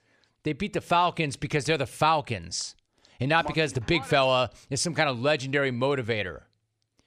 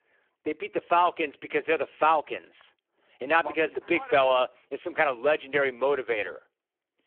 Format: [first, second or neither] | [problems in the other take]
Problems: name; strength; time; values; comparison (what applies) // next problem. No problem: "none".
first | phone-call audio; poor line